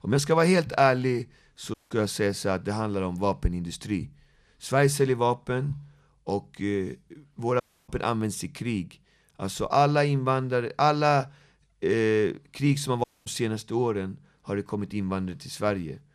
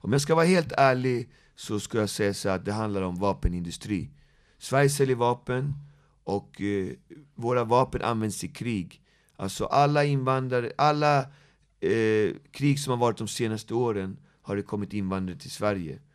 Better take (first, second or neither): second